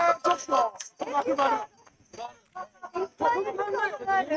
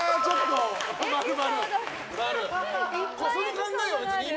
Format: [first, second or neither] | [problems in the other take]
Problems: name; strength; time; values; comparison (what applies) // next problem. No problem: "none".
second | noise reduction (neural mask model RNNoise)